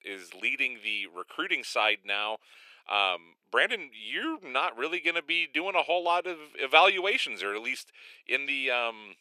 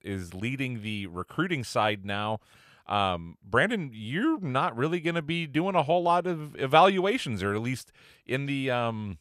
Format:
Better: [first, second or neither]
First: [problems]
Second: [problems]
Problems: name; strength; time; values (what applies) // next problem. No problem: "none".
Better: second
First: thin; very; fading below 350 Hz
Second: none